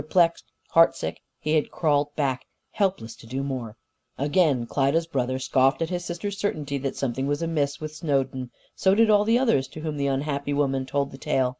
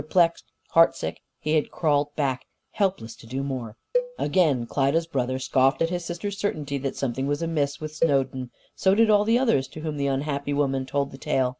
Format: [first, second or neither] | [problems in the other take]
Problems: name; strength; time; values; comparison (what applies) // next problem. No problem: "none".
first | background sound (Cowbell); 9 dB below the speech